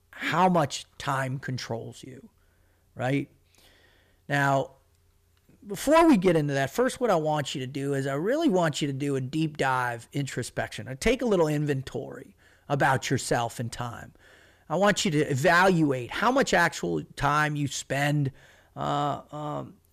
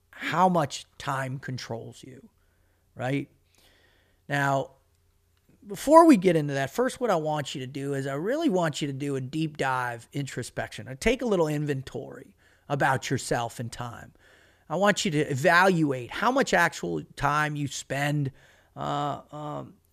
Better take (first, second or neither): second